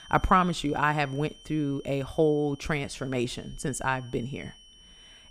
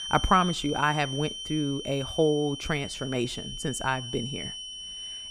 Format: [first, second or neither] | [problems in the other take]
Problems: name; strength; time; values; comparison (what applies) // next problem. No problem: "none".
first | high-pitched whine; loud; throughout; 3 kHz, 8 dB below the speech; faint in the first